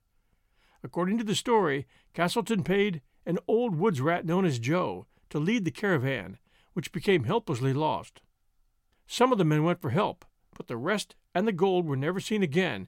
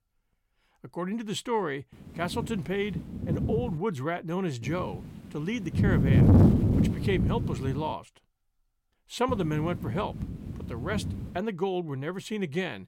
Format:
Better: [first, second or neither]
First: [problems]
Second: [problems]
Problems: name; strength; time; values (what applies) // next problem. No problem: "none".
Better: first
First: none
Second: wind noise on the microphone; heavy; from 2 to 4 s, from 4.5 to 8 s and from 9.5 to 11 s; 1 dB below the speech